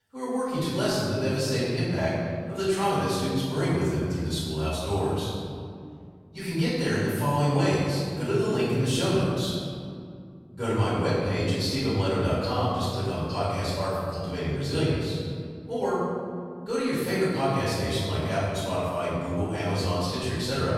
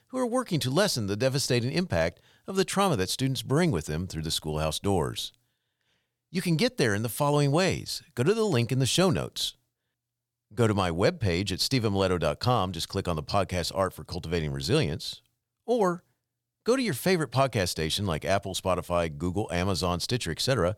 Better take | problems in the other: second | off-mic speech; far // room echo; strong; dies away in 2.2 s

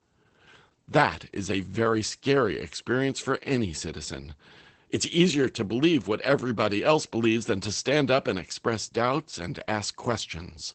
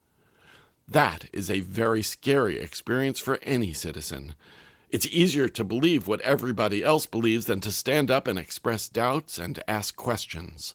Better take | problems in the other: second | garbled, watery; badly; nothing above 8 kHz; slightly in the second

